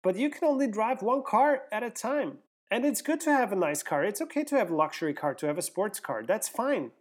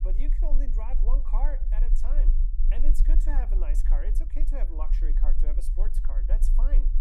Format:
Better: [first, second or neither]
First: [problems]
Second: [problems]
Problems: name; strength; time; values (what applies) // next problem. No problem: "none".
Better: first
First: none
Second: low rumble; loud; throughout; 9 dB below the speech